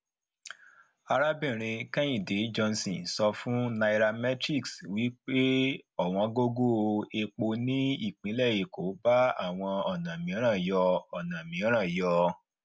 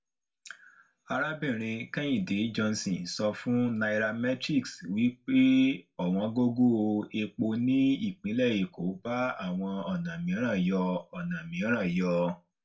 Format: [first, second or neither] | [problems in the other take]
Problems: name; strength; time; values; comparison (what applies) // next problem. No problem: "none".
first | room echo; dies away in 0.2 s